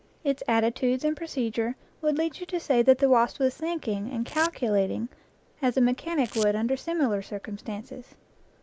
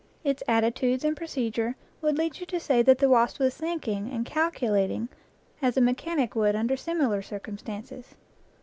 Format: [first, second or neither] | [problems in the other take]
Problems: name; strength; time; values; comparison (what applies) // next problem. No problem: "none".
second | background sound (Domestic sounds, home sounds); 17 dB below the speech